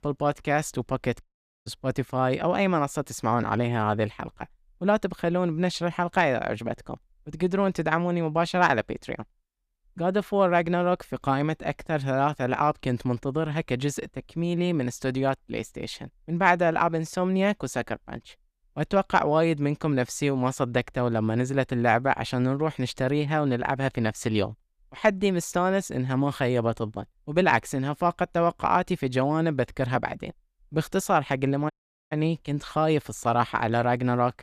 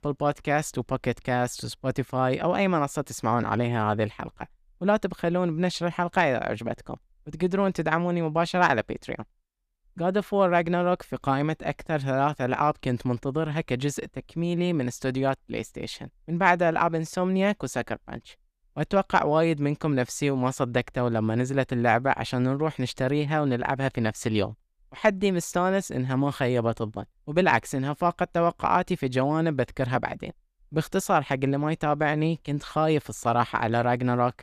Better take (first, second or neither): second